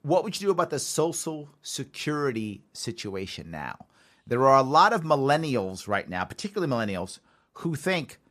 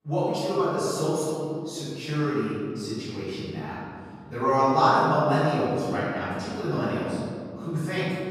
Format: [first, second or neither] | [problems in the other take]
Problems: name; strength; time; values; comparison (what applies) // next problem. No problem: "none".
first | room echo; strong; dies away in 2.4 s // off-mic speech; far